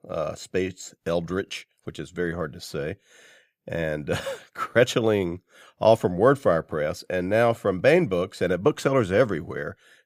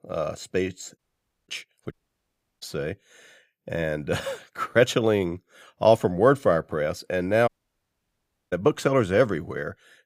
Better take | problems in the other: first | audio cutting out; at 1 s for 0.5 s, at 2 s for 0.5 s and at 7.5 s for 1 s

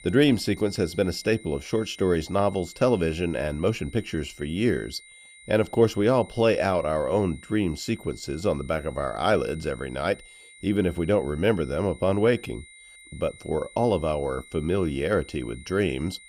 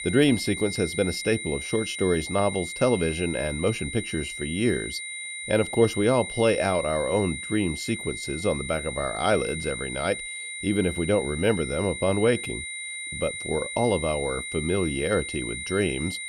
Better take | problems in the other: first | high-pitched whine; loud; throughout; 2 kHz, 6 dB below the speech; faint in the first

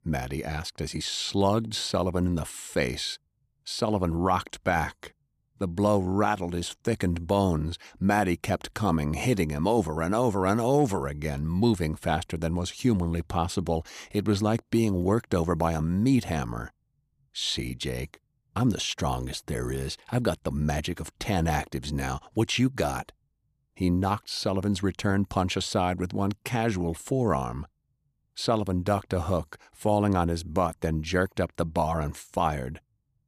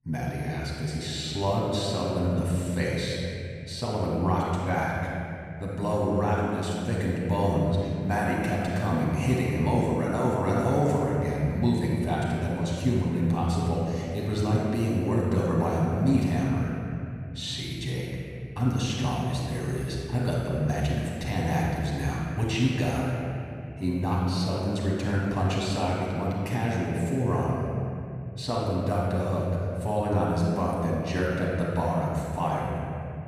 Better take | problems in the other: first | off-mic speech; far // room echo; strong; dies away in 3 s

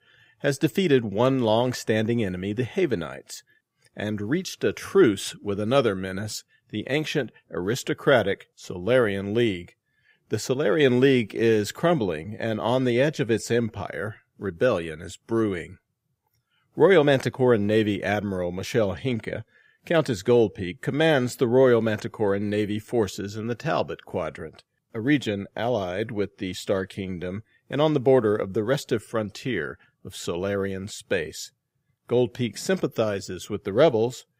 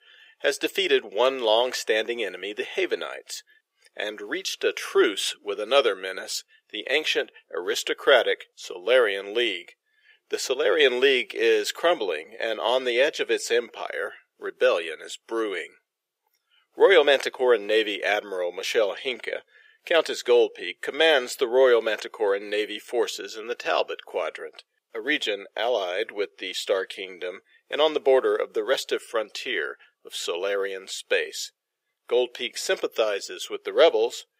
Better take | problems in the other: first | thin; very; fading below 450 Hz

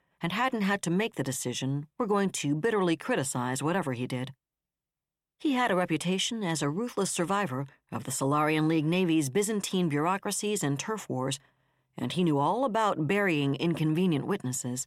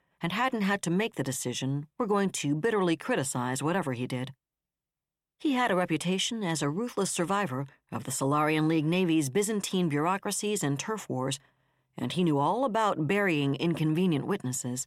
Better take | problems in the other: neither | none

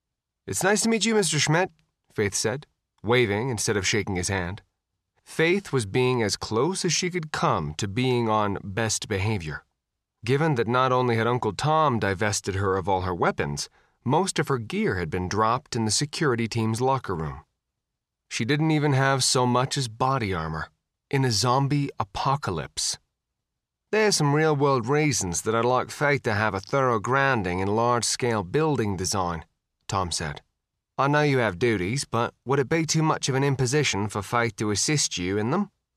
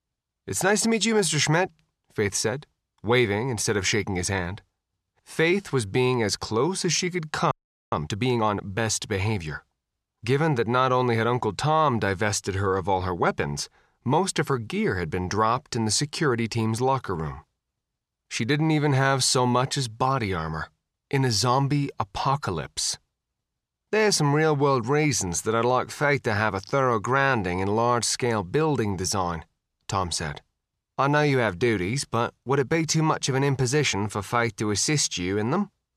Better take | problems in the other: first | audio freezing; at 7.5 s

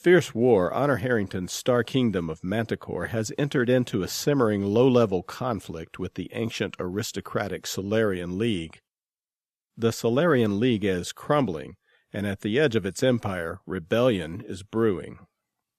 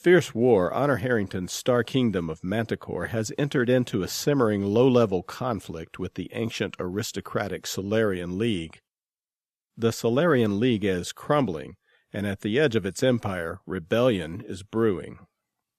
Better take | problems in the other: neither | none

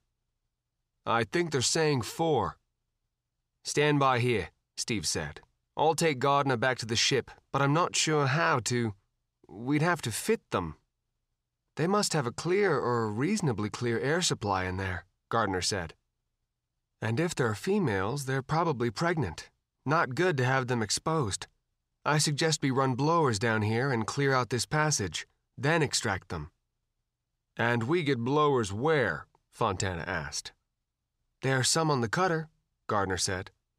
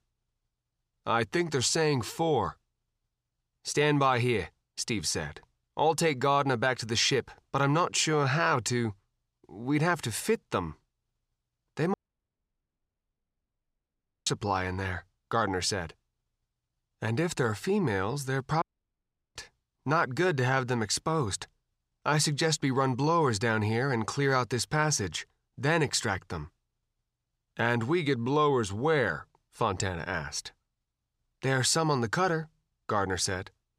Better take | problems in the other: first | audio cutting out; at 12 s for 2.5 s and at 19 s for 0.5 s

